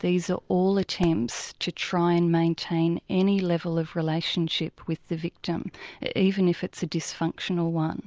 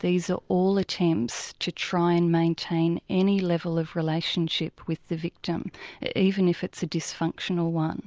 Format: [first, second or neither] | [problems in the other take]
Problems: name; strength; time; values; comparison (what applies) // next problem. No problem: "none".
second | background sound (Fireworks); 17 dB below the speech